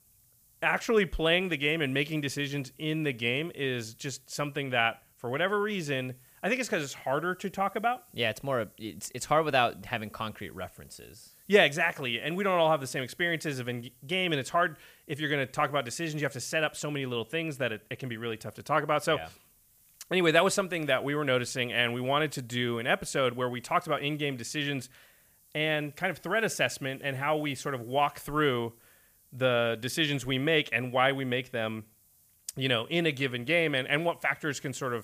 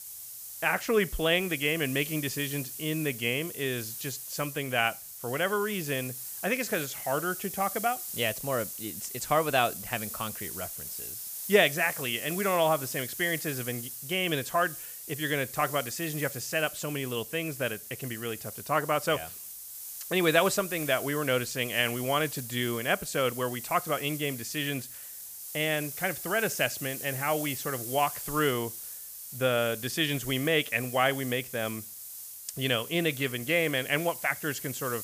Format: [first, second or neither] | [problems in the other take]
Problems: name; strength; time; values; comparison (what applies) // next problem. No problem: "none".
first | hiss; loud; throughout; 8 dB below the speech; faint in the first